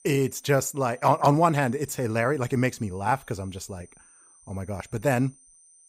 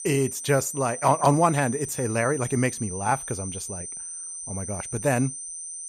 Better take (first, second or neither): first